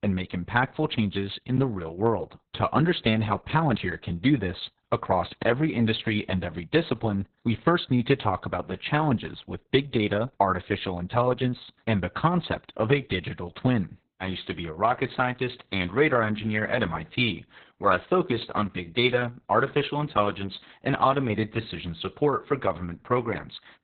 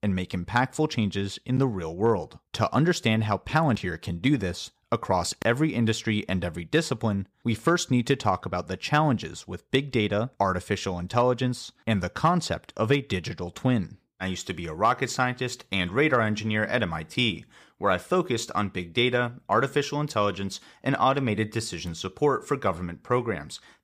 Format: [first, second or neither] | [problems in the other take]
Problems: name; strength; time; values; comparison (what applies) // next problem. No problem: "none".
second | garbled, watery; badly; nothing above 4 kHz